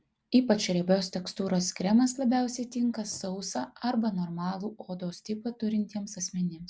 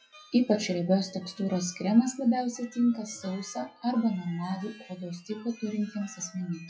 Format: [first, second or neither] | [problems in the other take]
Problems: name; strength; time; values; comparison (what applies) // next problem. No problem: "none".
first | noise reduction (classical method WPE with log-MMSE)